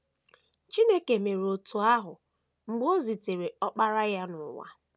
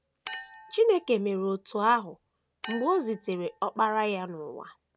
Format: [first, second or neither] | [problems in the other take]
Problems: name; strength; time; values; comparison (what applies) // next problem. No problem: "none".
first | background sound (Chink, clink); 18 dB below the speech